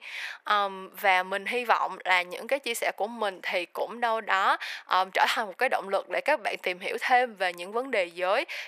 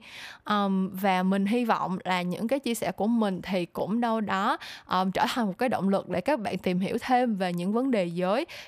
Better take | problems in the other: second | thin; very; fading below 450 Hz

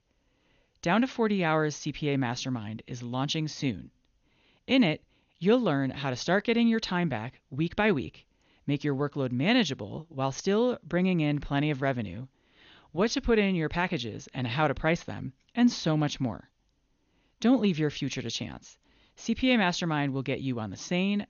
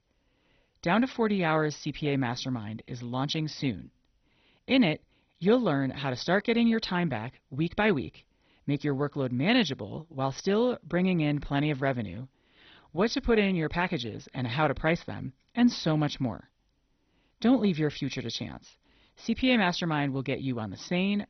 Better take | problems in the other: first | garbled, watery; badly; nothing above 6 kHz; slightly in the first

